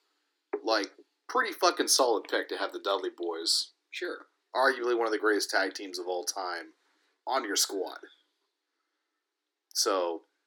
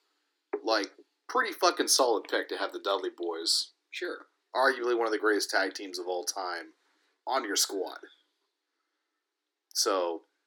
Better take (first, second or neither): neither